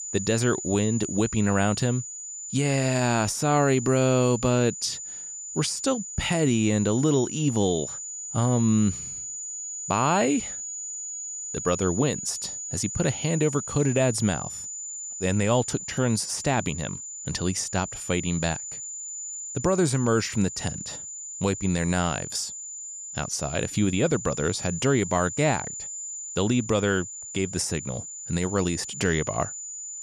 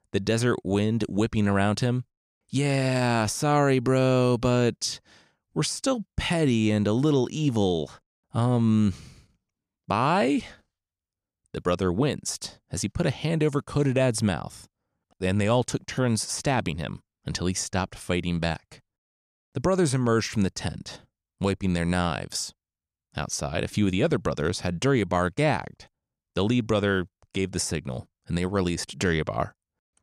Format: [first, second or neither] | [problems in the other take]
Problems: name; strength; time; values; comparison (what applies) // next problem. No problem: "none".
second | high-pitched whine; loud; throughout; 7 kHz, 8 dB below the speech